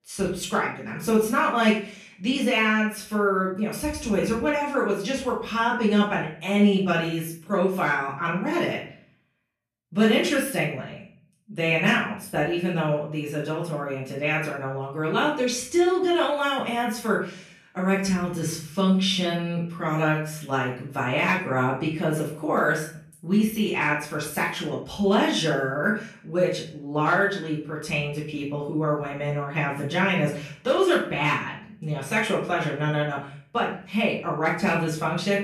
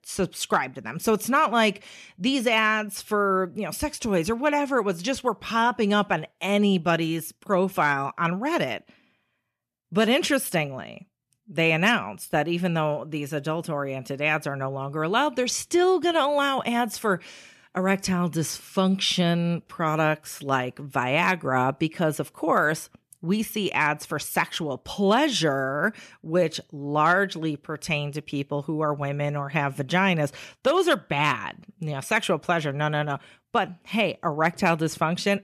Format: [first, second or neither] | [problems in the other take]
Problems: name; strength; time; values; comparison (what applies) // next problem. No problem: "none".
second | off-mic speech; far // room echo; noticeable; dies away in 0.4 s